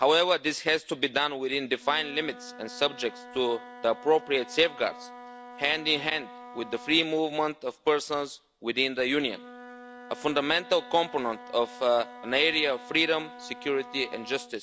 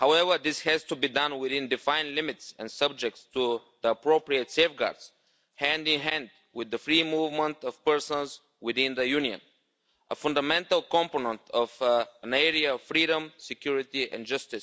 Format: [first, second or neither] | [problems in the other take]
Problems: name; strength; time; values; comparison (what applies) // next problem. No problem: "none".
second | background sound (Wind instrument, woodwind instrument); 18 dB below the speech